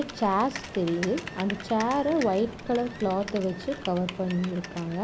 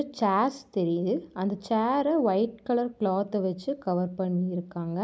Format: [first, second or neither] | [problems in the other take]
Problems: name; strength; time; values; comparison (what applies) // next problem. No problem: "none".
second | background sound (Typing + Ocean); 12 dB below the speech